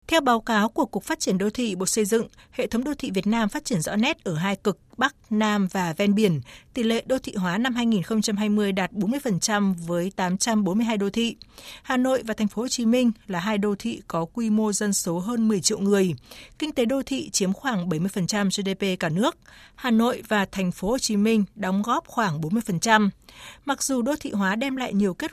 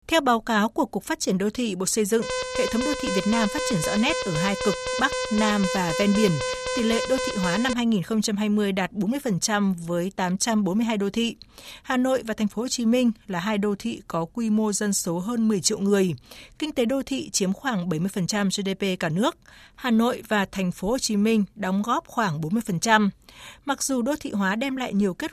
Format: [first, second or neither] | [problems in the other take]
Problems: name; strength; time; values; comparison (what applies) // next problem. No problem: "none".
first | alarm; noticeable; from 2 to 7.5 s; peak 3 dB below the speech